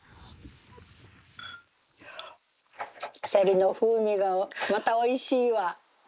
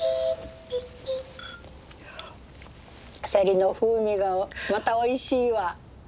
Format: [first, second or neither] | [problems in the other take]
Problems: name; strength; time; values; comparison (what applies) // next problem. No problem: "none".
second | noise reduction (neural mask model Resemble Enhance denoiser)